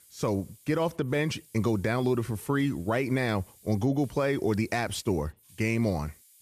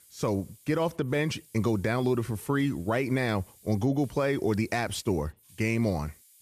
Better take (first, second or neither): neither